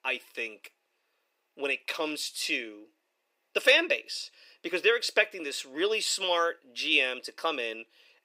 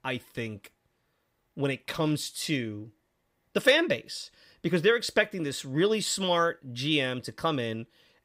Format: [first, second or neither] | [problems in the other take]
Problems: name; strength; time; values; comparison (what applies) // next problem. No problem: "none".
second | thin; somewhat; fading below 350 Hz